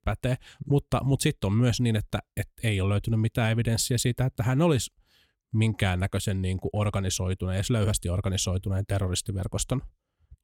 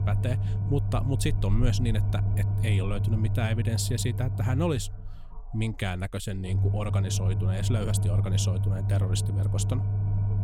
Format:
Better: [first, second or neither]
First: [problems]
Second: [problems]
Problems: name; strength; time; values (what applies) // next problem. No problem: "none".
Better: first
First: none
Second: low rumble; loud; throughout; 6 dB below the speech